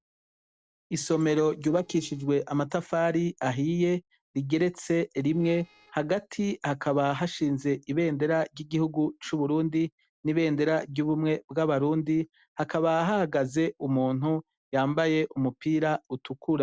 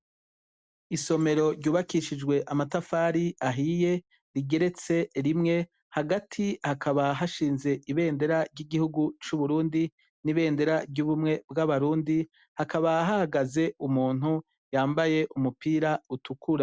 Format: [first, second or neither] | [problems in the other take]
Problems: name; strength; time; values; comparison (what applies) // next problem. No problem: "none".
second | noise reduction (neural separator model SepFormer DNS4)